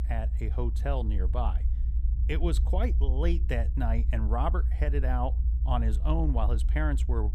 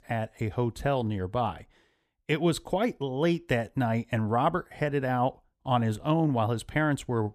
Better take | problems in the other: second | low rumble; noticeable; throughout; 15 dB below the speech

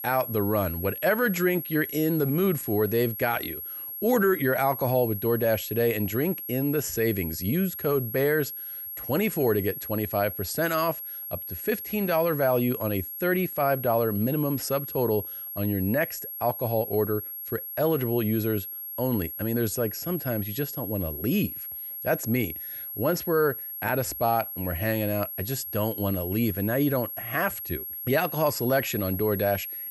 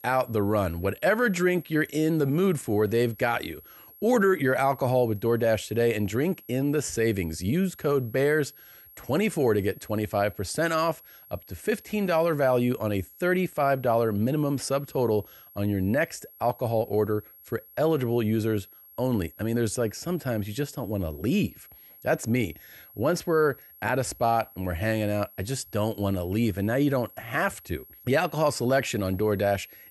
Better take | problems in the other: second | high-pitched whine; loud; throughout; 11.5 kHz, 7 dB below the speech; faint in the second

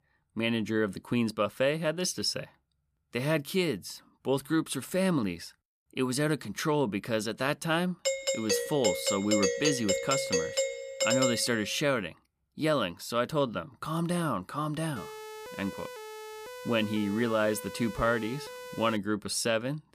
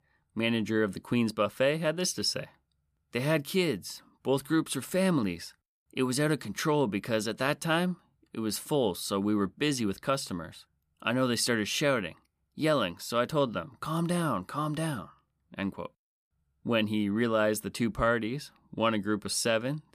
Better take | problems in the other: second | doorbell; loud; from 8 to 11 s; peak 3 dB above the speech // siren; faint; from 15 to 19 s; peak 10 dB below the speech

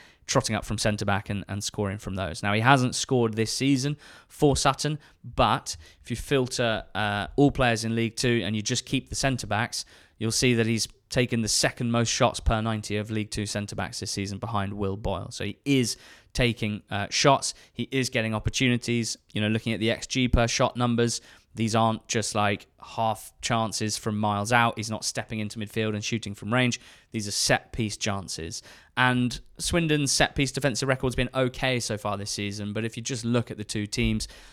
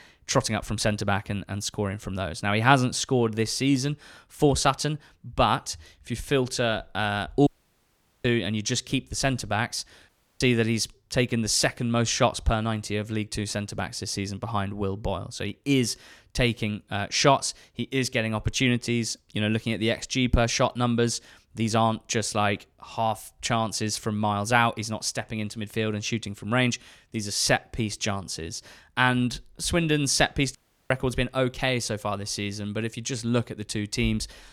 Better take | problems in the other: first | audio cutting out; at 7.5 s for 1 s, at 10 s and at 31 s

